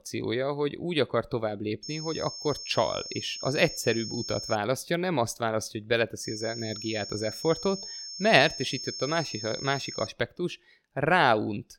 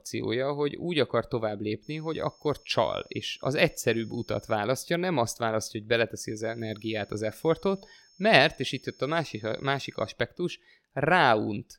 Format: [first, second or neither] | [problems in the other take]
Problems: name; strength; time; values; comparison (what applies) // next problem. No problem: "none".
second | high-pitched whine; loud; from 2 to 4.5 s and from 6 to 10 s; 5.5 kHz, 8 dB below the speech; faint in the second